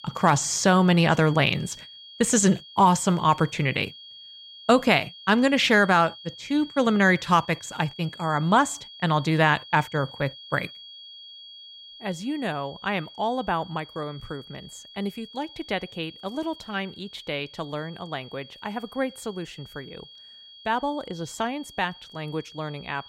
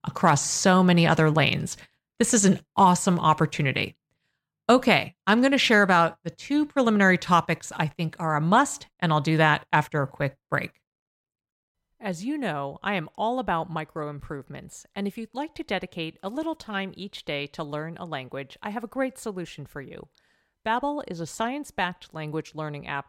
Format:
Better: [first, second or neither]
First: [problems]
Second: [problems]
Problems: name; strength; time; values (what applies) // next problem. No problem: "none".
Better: second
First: high-pitched whine; noticeable; throughout; 3.5 kHz, 20 dB below the speech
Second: none